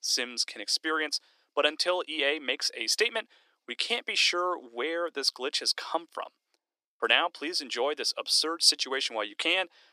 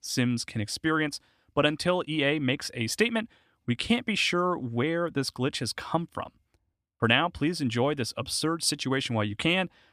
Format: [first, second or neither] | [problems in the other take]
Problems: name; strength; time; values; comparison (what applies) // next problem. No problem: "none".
second | thin; very; fading below 350 Hz